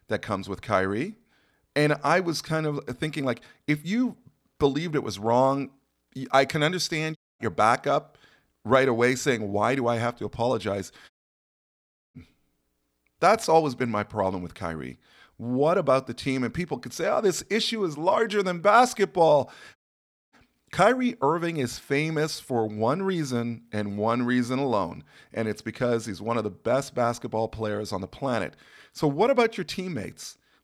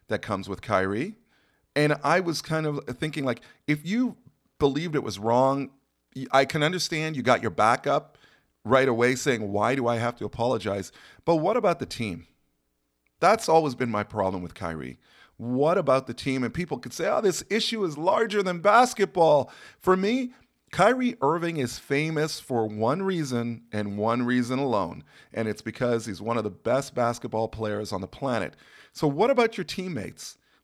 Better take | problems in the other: second | audio cutting out; at 7 s, at 11 s for 1 s and at 20 s for 0.5 s

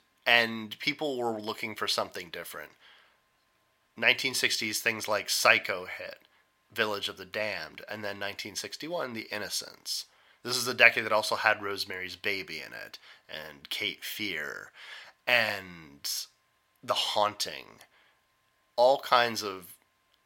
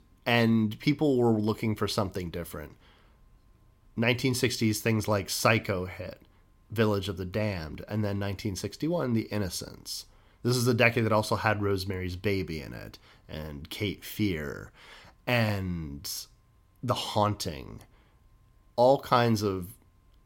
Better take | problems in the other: second | thin; very; fading below 1 kHz

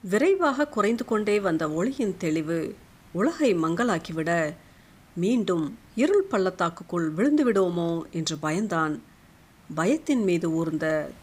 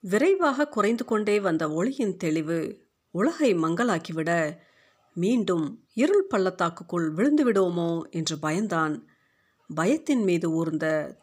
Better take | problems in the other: second | hiss; faint; throughout; 30 dB below the speech

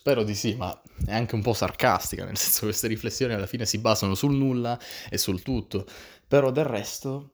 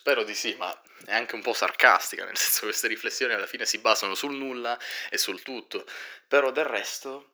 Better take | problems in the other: first | thin; very; fading below 350 Hz

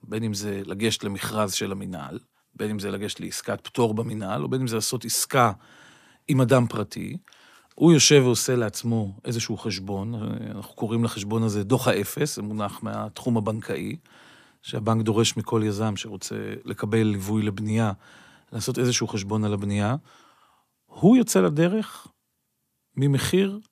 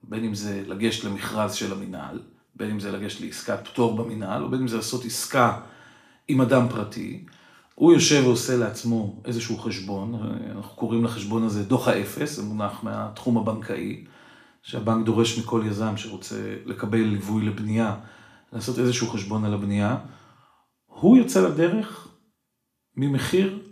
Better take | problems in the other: first | room echo; slight; dies away in 0.4 s // off-mic speech; somewhat distant

